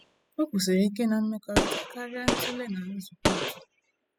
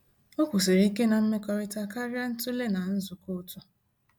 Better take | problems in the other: second | noise reduction (classical method spectral subtraction)

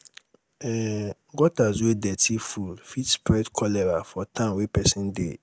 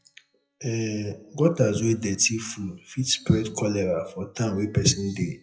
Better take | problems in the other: first | noise reduction (classical method WPE with log-MMSE)

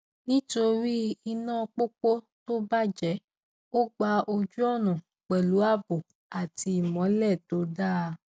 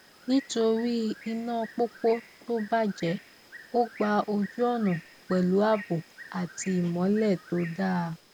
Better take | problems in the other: first | background sound (Bird); 20 dB below the speech

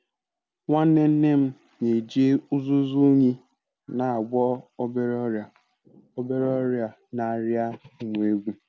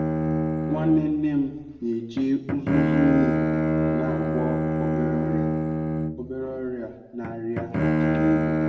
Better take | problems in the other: first | background sound (Bowed string instrument); 3 dB above the speech // room echo; dies away in 0.8 s

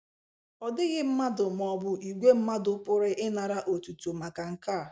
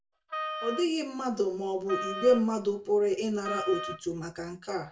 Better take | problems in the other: first | background sound (Wind instrument, woodwind instrument); 9 dB below the speech // room echo; dies away in 0.2 s

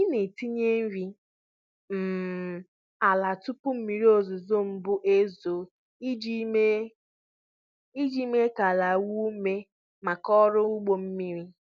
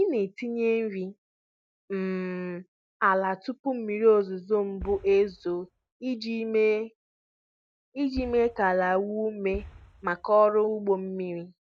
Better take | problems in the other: first | background sound (Boom); 18 dB below the speech

